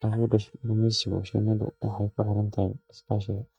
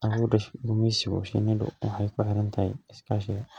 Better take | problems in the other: second | noise reduction (neural mask model DeepFilterNet 3)

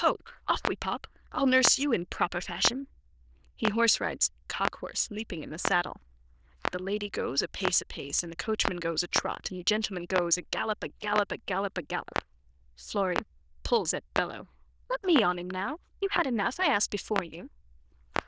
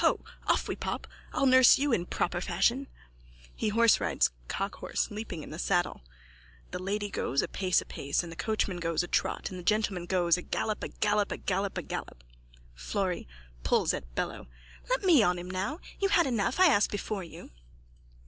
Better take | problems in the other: second | noise reduction (neural diffusion model UNIVERSE++)

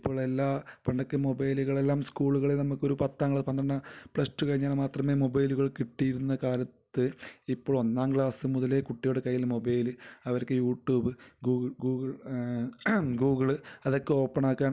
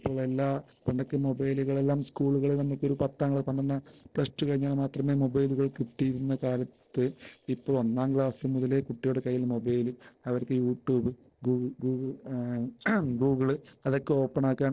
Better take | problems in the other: first | noise reduction (neural separator model SepFormer DNS4)

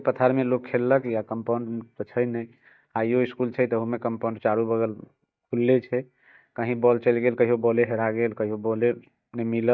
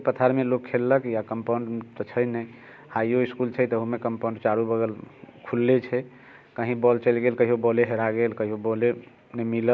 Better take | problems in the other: second | noise reduction (neural mask model DeepFilterNet 3)

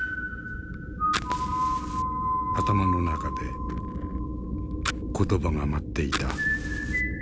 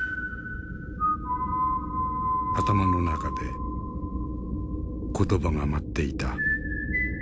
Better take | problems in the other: second | background sound (Fire); 13 dB below the speech

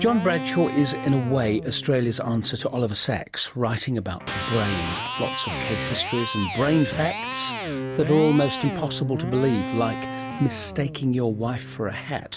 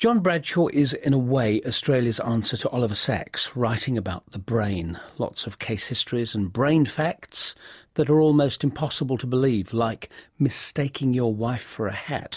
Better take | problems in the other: second | background sound (Electric guitar); 7 dB below the speech

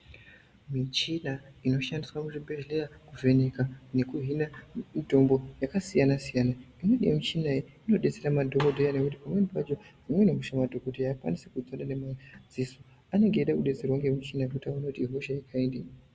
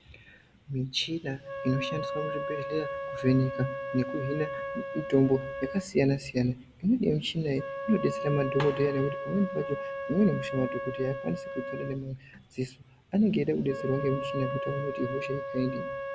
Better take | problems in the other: first | background sound (Wind instrument, woodwind instrument); 7 dB below the speech

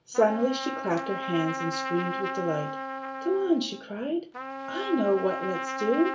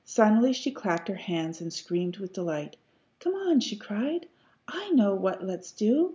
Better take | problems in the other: second | background sound (Trumpet); 6 dB below the speech // room echo; dies away in 0.2 s

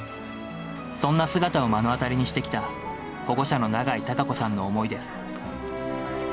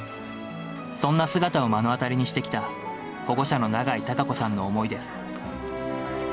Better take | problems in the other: second | background sound (Car passing by); 18 dB below the speech

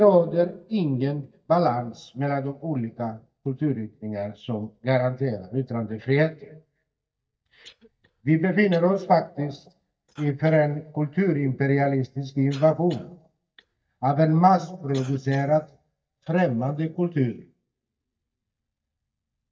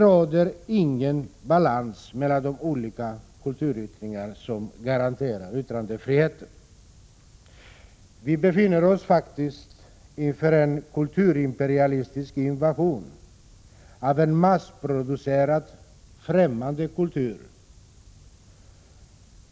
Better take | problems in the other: second | noise reduction (neural mask model DeepFilterNet 3)

